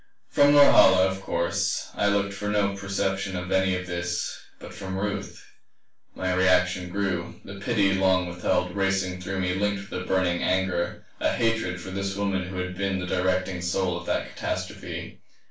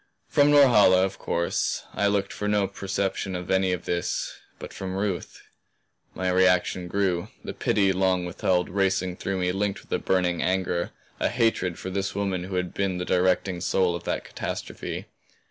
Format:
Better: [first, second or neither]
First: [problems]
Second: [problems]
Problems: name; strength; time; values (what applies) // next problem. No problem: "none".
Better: second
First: room echo; dies away in 0.3 s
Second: none